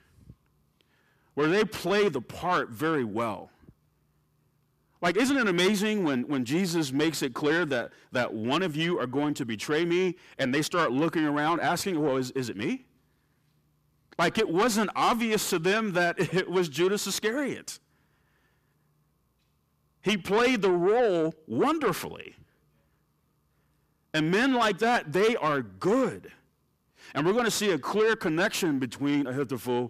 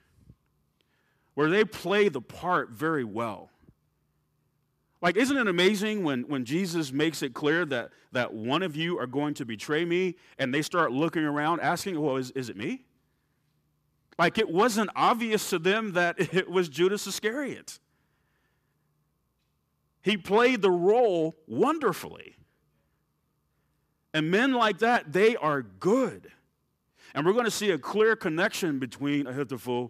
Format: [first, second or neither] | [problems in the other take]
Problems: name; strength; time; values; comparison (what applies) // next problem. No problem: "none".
second | distortion; slight; 10 dB below the speech